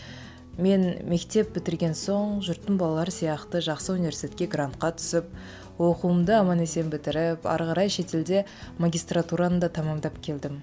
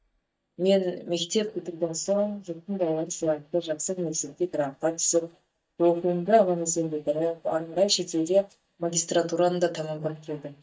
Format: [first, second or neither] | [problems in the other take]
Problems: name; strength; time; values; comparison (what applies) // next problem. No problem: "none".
first | noise reduction (neural mask model DeepFilterNet 3)